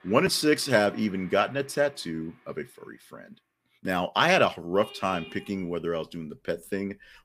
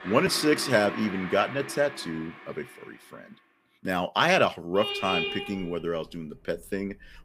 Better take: first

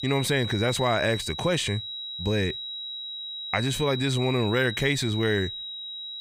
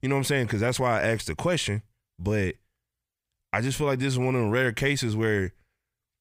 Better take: second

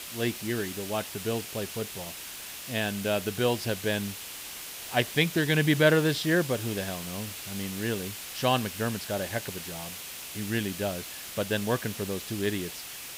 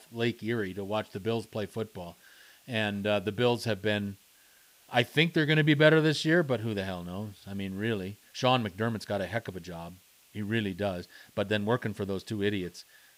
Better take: second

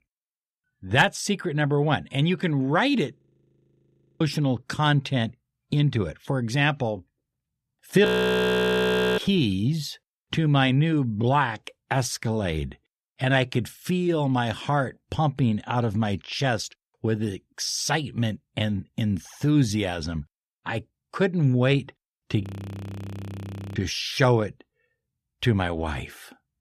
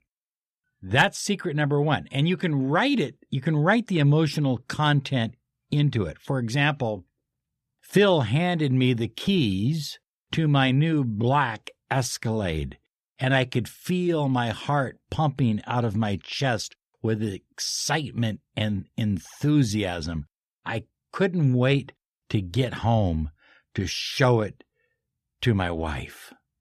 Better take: second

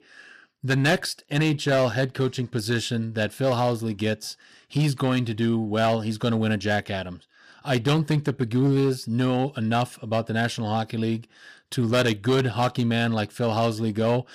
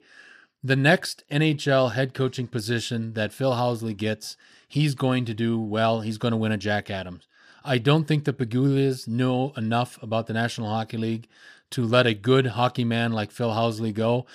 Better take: second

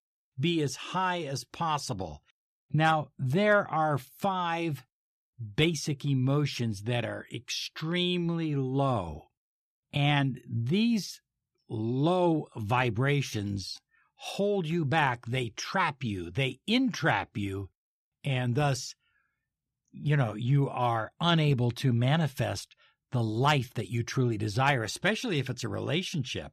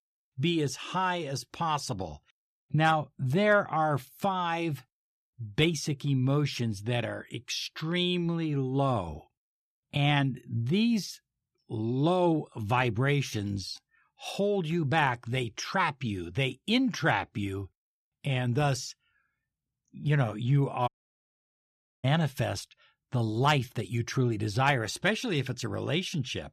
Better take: first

